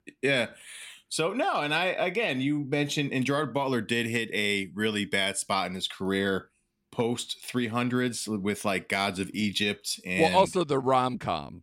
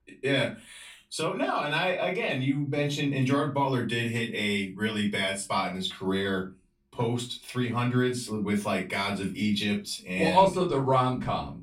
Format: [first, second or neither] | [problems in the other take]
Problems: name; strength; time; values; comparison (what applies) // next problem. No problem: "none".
first | off-mic speech; far // room echo; very slight; dies away in 0.2 s